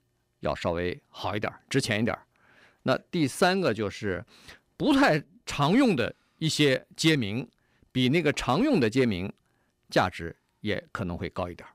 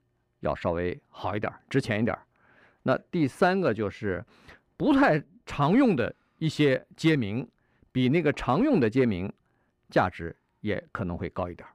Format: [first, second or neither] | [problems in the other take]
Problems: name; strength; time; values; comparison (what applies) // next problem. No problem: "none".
first | muffled; slightly; fading above 3 kHz